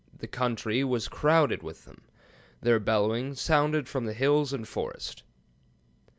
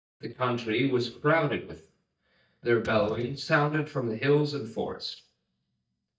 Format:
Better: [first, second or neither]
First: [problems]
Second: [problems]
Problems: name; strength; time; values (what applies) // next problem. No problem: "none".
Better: first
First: none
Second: noise reduction (neural mask model DeepFilterNet 3)